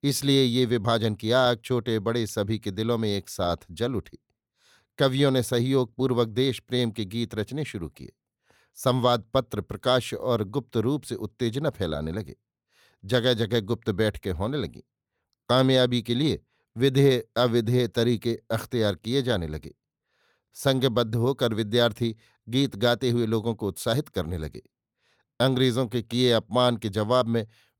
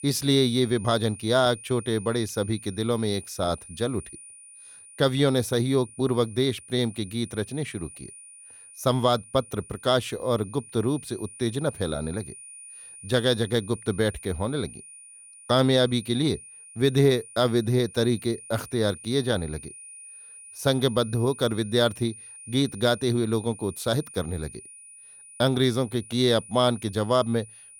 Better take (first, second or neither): first